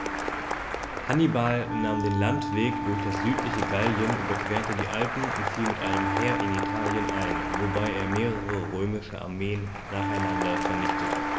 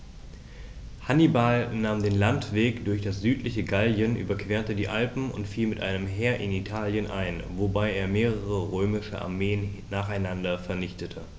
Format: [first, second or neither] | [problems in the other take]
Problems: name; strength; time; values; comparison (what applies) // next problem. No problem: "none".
second | background sound (Wind instrument, woodwind instrument + Applause); 1 dB below the speech